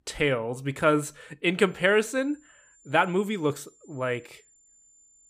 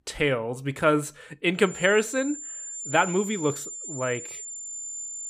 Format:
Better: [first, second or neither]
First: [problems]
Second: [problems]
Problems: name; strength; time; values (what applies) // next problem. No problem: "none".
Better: first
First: high-pitched whine; faint; from 1.5 s on; 7 kHz, 30 dB below the speech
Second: high-pitched whine; loud; from 1.5 s on; 7 kHz, 9 dB below the speech